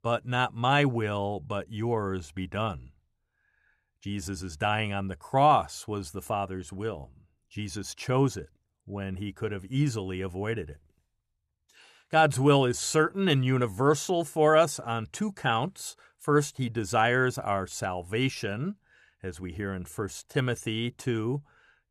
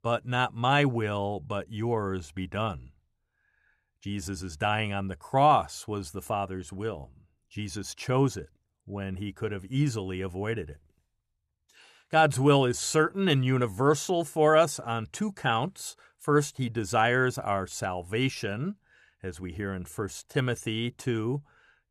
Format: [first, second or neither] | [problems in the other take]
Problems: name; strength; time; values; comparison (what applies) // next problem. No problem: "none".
neither | none